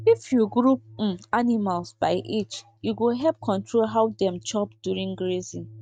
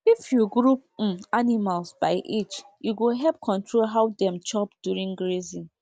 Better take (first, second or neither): second